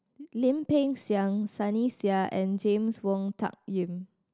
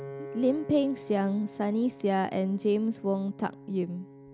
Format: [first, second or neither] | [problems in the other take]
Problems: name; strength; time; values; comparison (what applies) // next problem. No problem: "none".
first | background sound (Piano); 16 dB below the speech